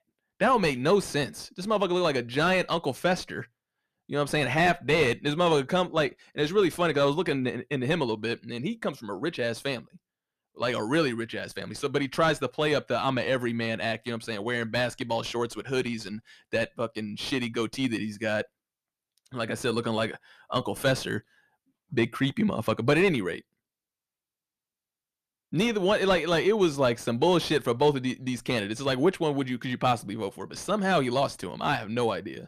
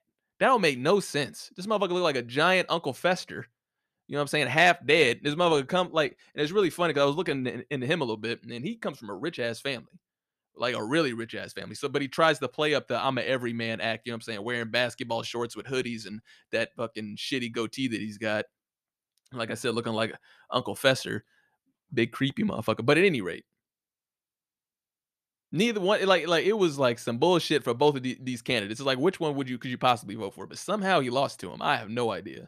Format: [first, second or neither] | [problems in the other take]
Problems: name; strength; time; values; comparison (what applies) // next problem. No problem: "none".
second | distortion; slight; 10 dB below the speech